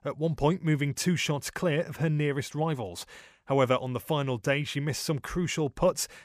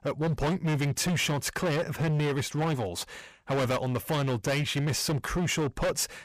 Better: first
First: none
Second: distortion; heavy; 25% of the sound clipped

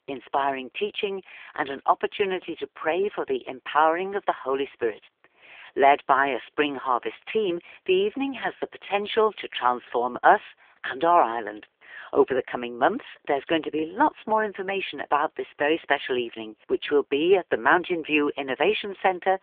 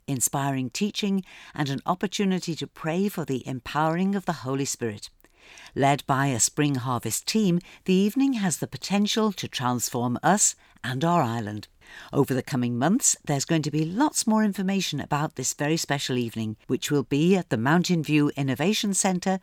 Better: second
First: phone-call audio; poor line; nothing above 3.5 kHz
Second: none

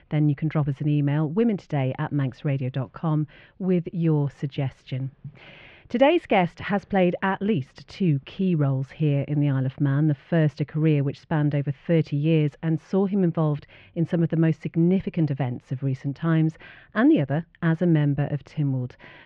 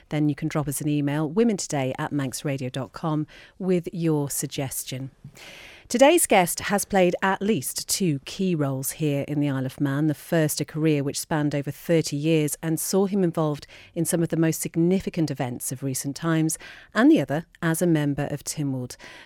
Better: second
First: muffled; very; fading above 3 kHz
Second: none

